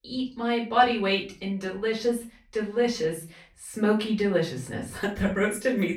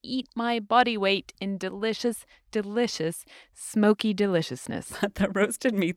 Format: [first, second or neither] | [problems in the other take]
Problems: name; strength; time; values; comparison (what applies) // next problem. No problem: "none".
second | off-mic speech; far // room echo; slight; dies away in 0.3 s